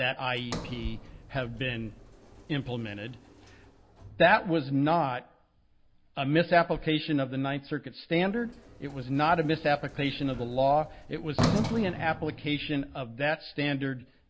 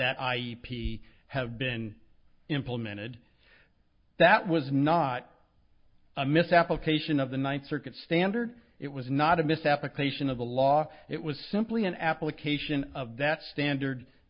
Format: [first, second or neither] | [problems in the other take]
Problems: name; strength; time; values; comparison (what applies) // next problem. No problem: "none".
second | background sound (Sliding door); 11 dB below the speech